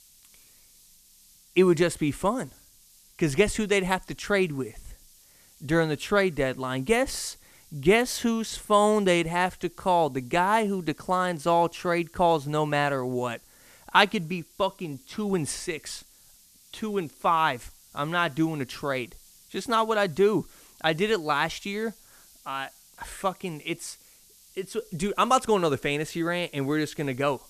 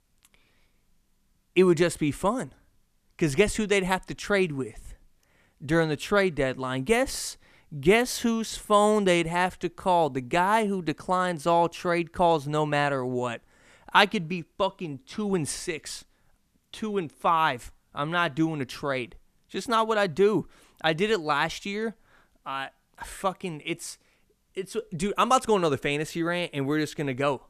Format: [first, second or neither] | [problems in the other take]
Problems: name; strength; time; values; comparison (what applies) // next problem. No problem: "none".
second | hiss; faint; throughout; 25 dB below the speech